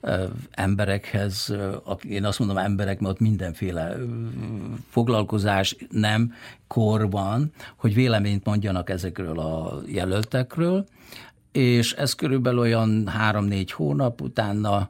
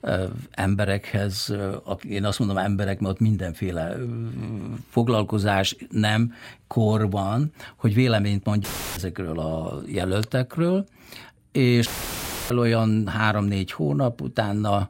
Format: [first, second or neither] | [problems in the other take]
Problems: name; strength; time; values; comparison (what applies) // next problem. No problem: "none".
first | audio cutting out; filled with static; at 8.5 s and at 12 s for 0.5 s